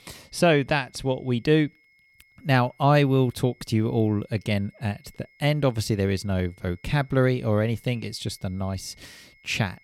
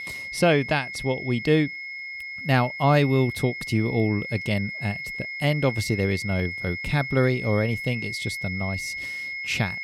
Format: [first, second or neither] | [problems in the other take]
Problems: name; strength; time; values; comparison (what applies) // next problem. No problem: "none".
first | high-pitched whine; loud; throughout; 2 kHz, 7 dB below the speech; faint in the first